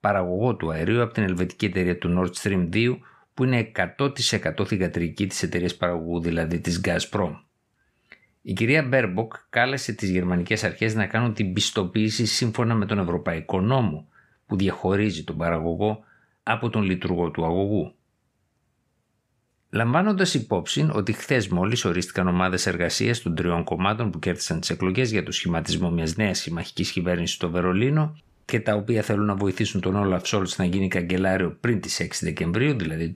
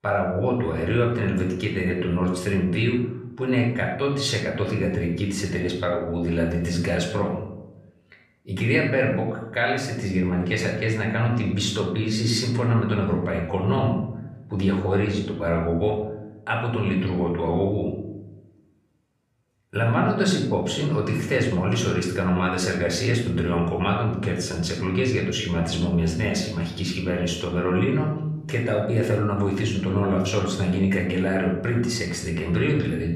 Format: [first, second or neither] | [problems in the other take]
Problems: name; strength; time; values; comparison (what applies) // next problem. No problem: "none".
first | off-mic speech; somewhat distant // room echo; slight; dies away in 0.7 s